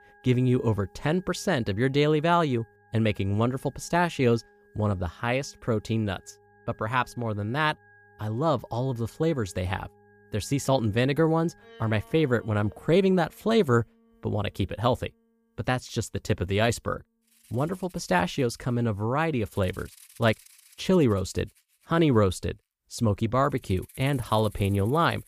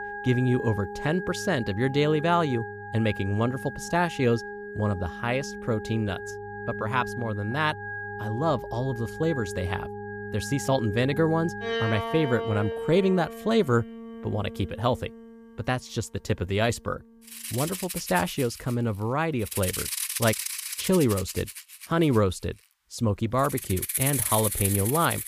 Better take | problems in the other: first | background music; loud; throughout; 6 dB below the speech; faint in the first

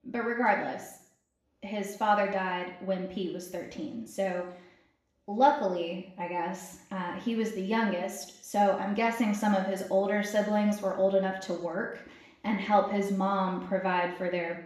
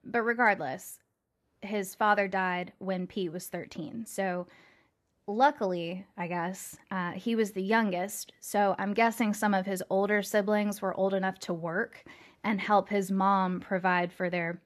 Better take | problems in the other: second | room echo; noticeable; dies away in 0.7 s // off-mic speech; somewhat distant

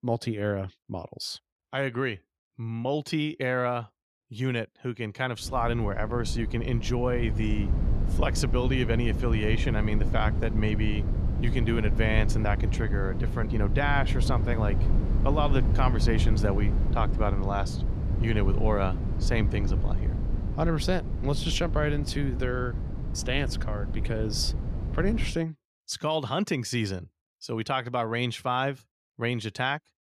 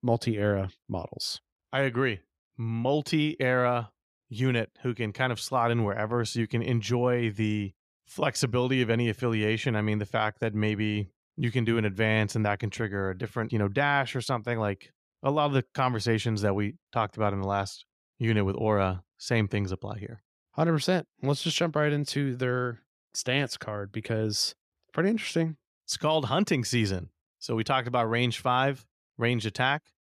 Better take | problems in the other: second | wind noise on the microphone; occasional gusts; from 5.5 to 25 s; 10 dB below the speech

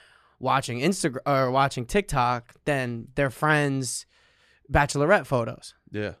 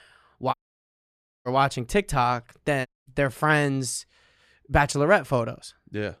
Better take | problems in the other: first | audio cutting out; at 0.5 s for 1 s and at 3 s

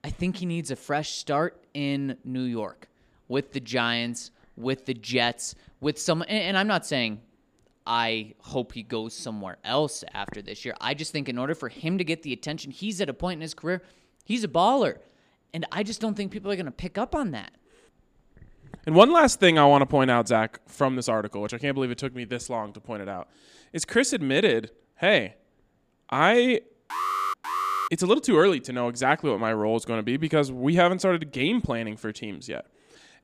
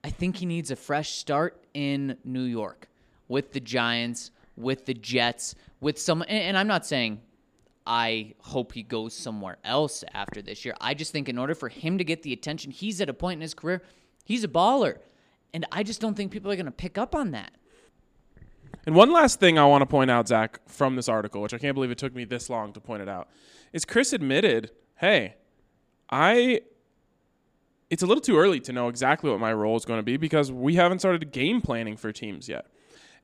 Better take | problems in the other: second | alarm; noticeable; at 27 s; peak 1 dB below the speech

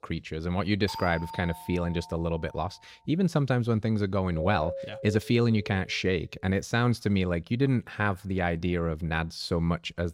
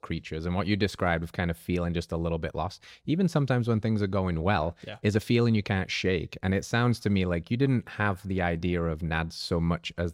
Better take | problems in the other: second | doorbell; faint; from 1 to 2.5 s; peak 10 dB below the speech // doorbell; noticeable; from 4.5 to 6 s; peak 6 dB below the speech

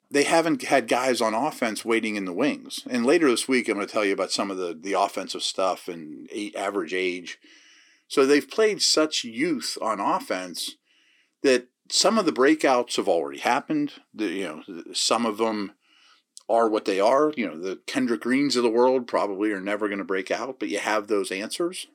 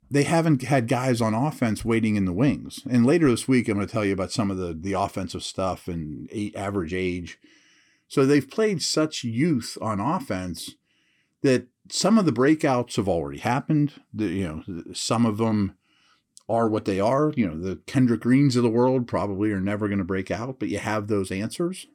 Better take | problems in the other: second | thin; somewhat; fading below 350 Hz

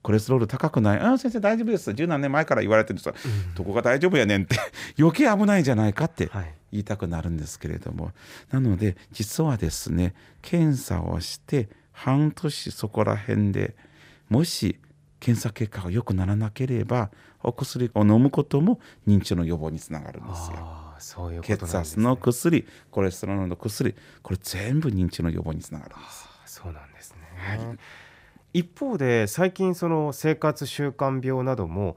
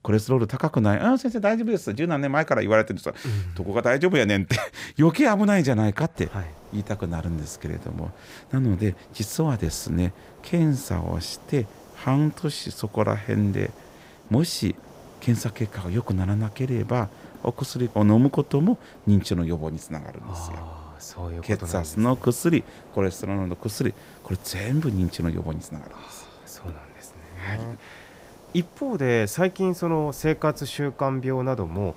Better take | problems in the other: first | hiss; faint; from 6 s on; 25 dB below the speech

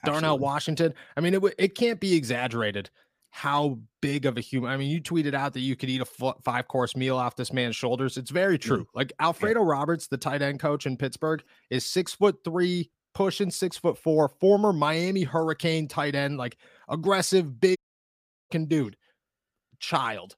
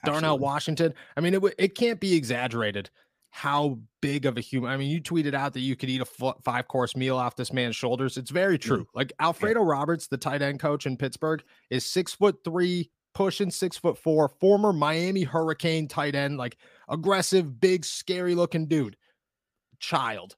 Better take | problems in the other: second | audio cutting out; at 18 s for 0.5 s

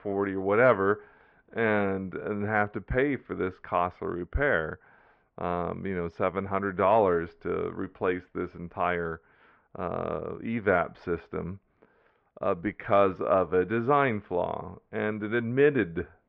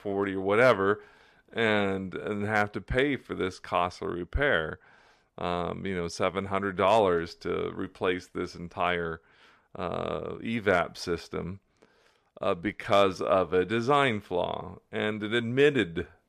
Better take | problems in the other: second | muffled; very; fading above 2 kHz

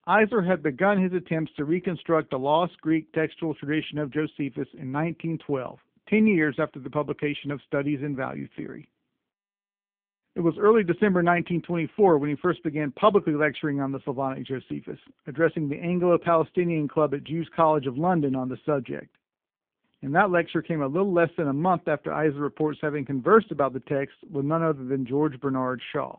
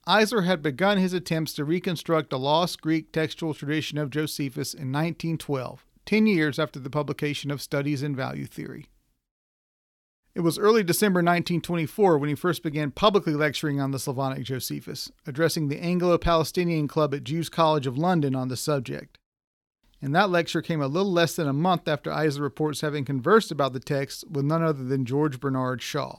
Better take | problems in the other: second | phone-call audio; poor line; nothing above 3.5 kHz

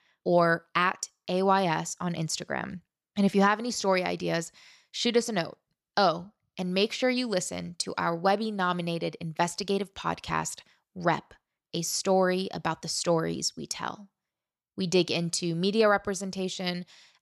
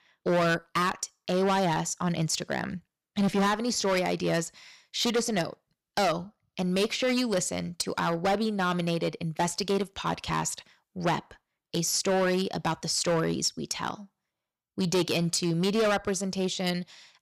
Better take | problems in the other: first | distortion; heavy; 9% of the sound clipped

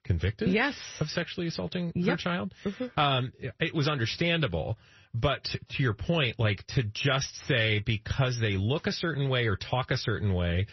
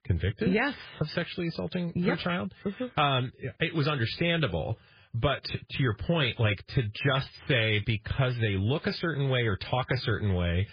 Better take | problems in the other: first | garbled, watery; badly; slightly in the first

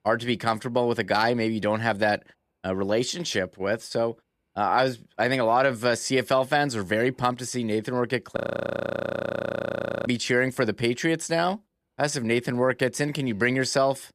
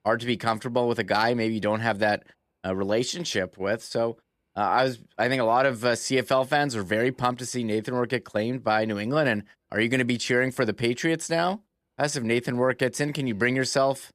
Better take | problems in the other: second | audio freezing; at 8.5 s for 1.5 s

